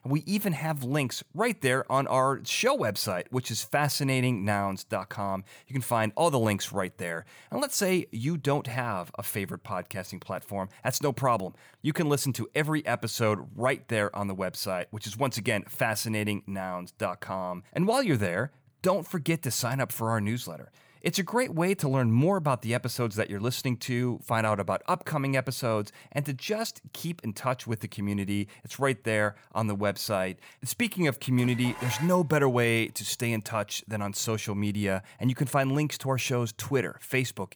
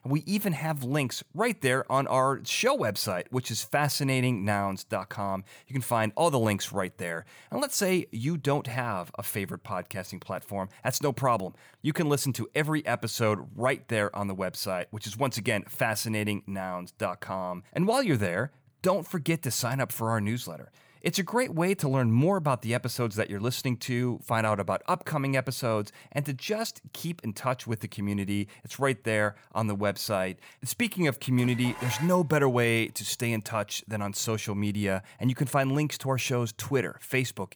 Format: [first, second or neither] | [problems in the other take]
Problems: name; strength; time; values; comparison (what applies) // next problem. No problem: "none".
neither | clattering dishes; noticeable; at 31 s; peak 8 dB below the speech; the same in both